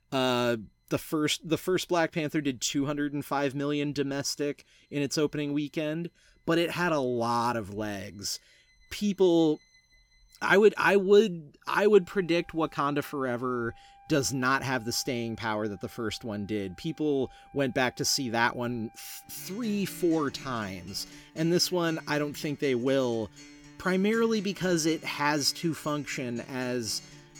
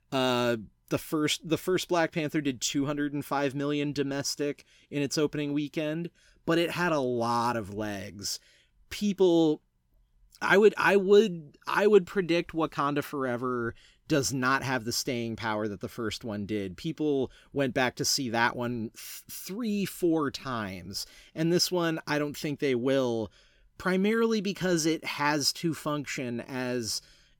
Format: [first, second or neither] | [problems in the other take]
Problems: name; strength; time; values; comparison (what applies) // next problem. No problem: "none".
second | background music; faint; throughout; 25 dB below the speech